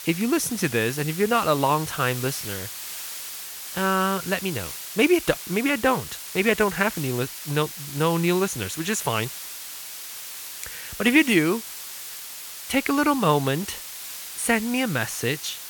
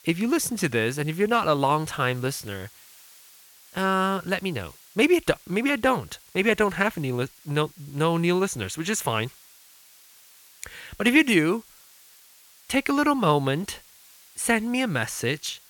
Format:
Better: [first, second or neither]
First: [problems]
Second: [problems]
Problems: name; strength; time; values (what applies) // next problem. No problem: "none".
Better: second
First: hiss; loud; throughout; 10 dB below the speech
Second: hiss; faint; throughout; 25 dB below the speech